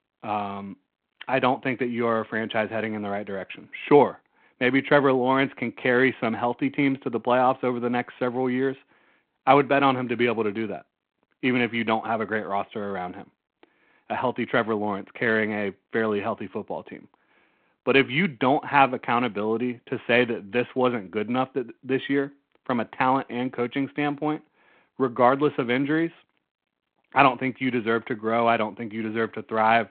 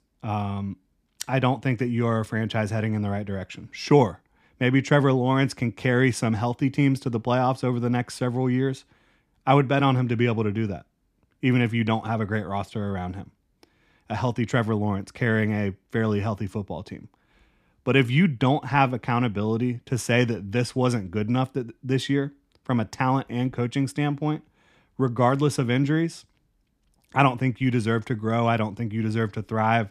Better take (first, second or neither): second